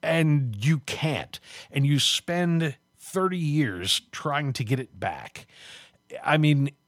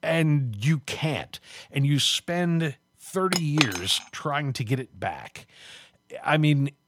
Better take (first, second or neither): first